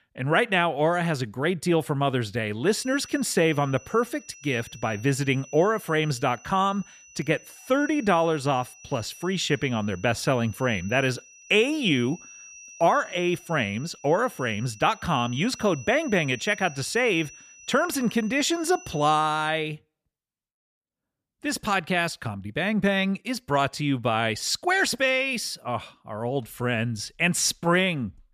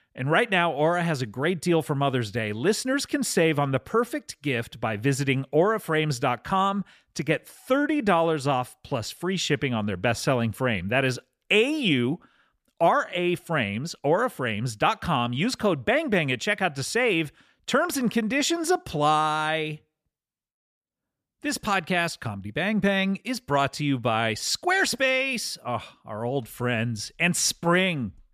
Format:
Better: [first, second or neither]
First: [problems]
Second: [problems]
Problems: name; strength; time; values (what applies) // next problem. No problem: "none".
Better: second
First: high-pitched whine; faint; from 2.5 to 19 s; 6 kHz, 20 dB below the speech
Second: none